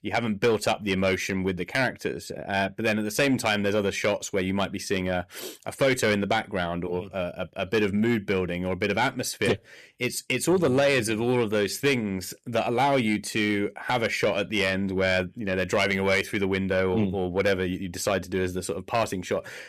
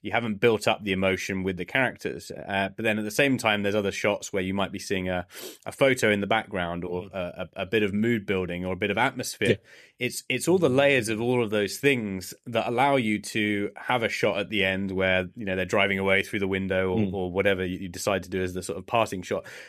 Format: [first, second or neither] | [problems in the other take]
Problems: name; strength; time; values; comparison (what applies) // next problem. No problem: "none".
second | distortion; slight; 10 dB below the speech